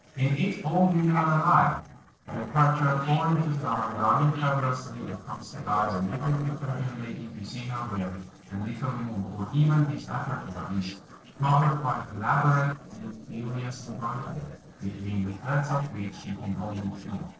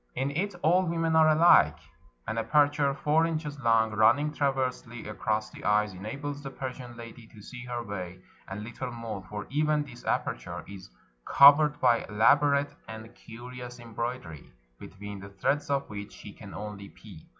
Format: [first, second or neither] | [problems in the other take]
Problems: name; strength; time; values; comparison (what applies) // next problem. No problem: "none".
second | noise reduction (neural separator model SepFormer DNS4)